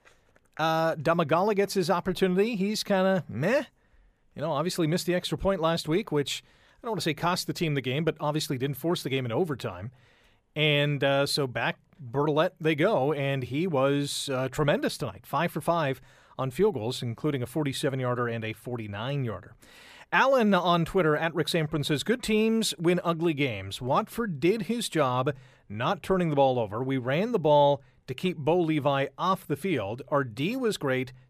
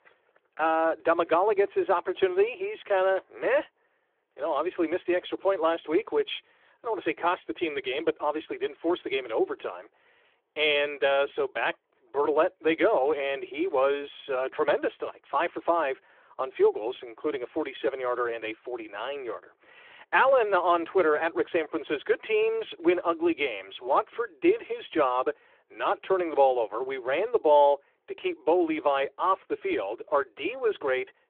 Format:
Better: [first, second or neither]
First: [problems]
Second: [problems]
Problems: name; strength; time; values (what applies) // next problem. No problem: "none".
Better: first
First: none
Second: phone-call audio; nothing above 3.5 kHz